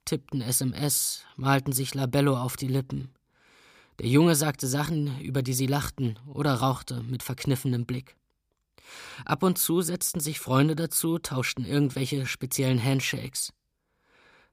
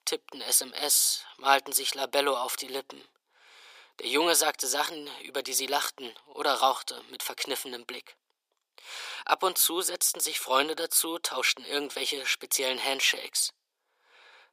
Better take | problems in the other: first | thin; very; fading below 450 Hz

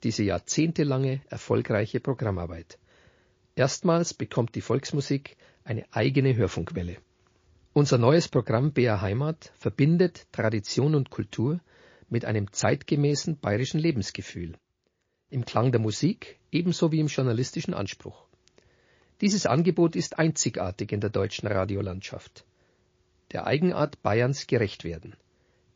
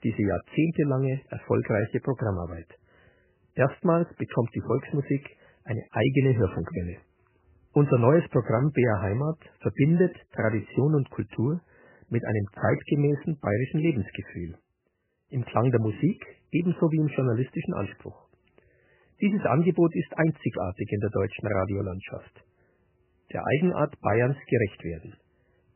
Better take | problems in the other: first | garbled, watery; badly; nothing above 3 kHz; slightly in the first

